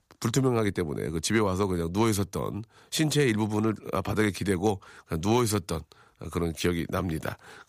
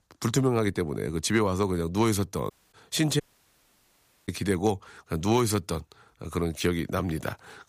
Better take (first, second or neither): first